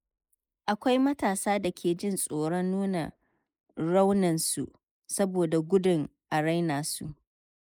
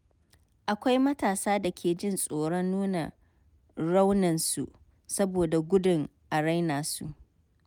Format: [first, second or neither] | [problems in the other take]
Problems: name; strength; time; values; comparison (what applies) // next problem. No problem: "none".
second | noise reduction (neural mask model Resemble Enhance denoiser)